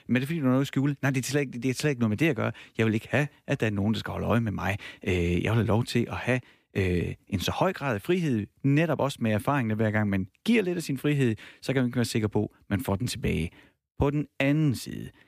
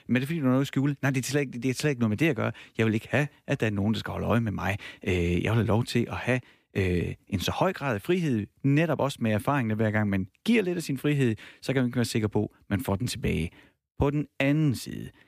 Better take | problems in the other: neither | none

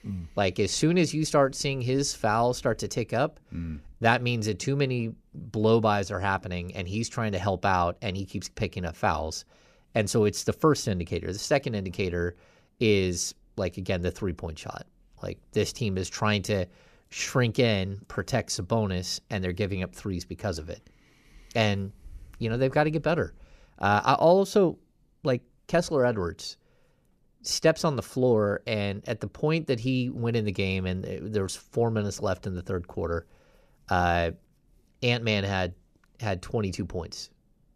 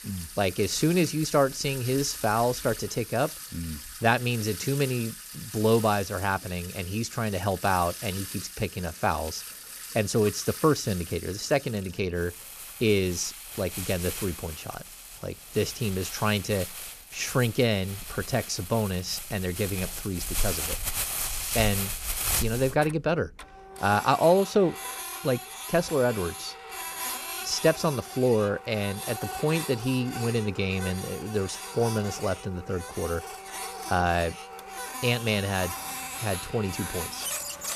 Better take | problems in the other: first | household noises; loud; throughout; 7 dB below the speech

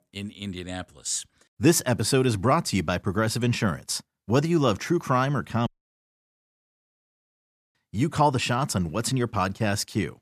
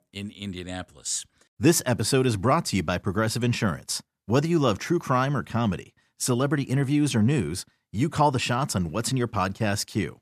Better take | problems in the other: second | audio cutting out; at 5.5 s for 2 s

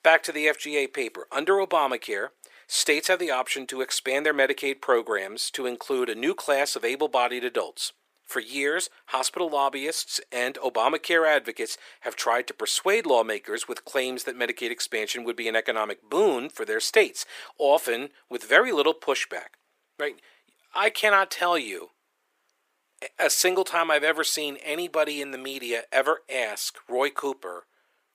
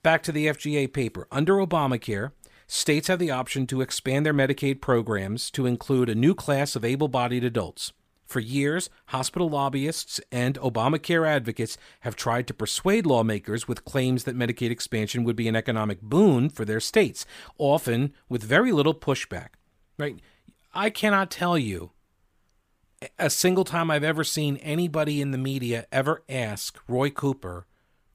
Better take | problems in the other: second | thin; very; fading below 400 Hz

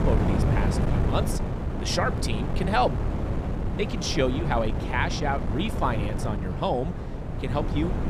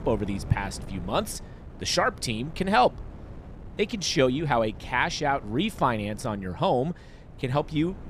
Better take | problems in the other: second | wind noise on the microphone; heavy; 6 dB below the speech; occasional gusts in the second

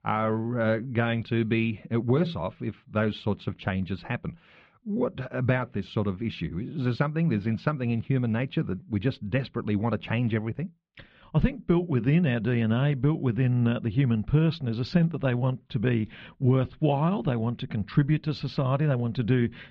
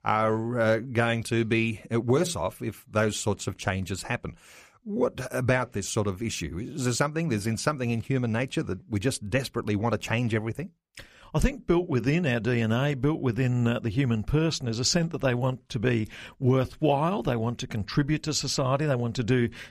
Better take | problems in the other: second | muffled; slightly; fading above 3.5 kHz

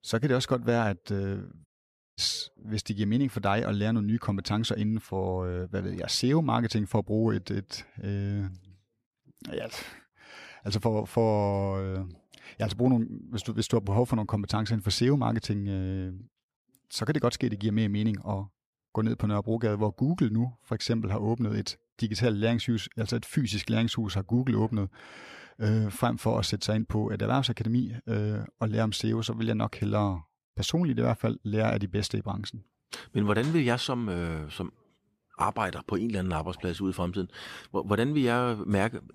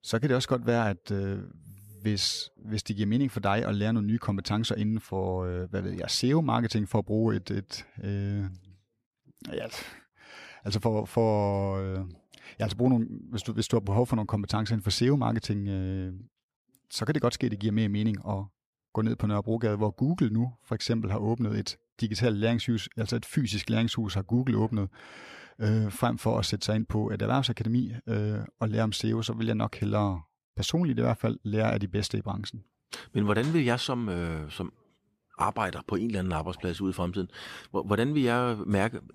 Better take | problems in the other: second | audio cutting out; at 1.5 s for 0.5 s

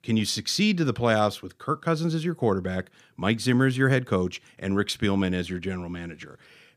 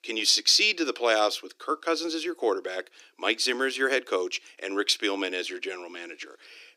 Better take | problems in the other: first | thin; very; fading below 300 Hz

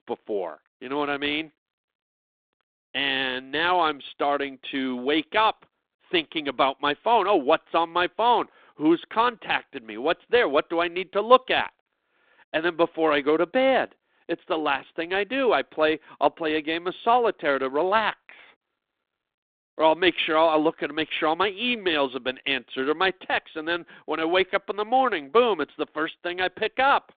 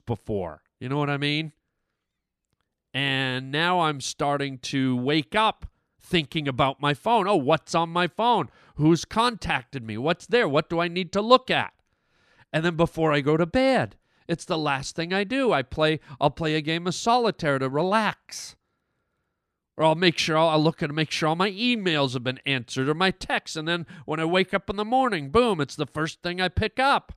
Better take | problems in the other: second | phone-call audio; nothing above 3.5 kHz

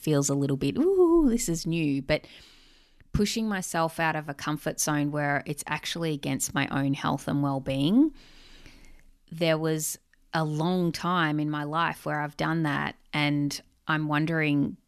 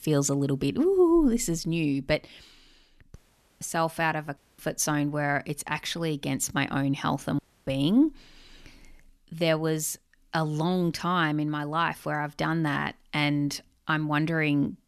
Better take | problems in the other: first | audio cutting out; at 3 s, at 4.5 s and at 7.5 s

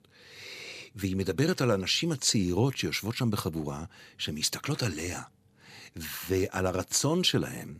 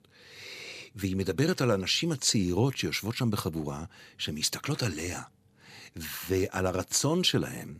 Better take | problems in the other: neither | none

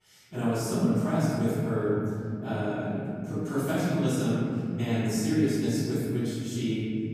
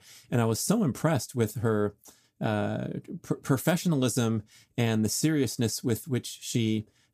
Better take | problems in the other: second | off-mic speech; far // room echo; strong; dies away in 2.8 s

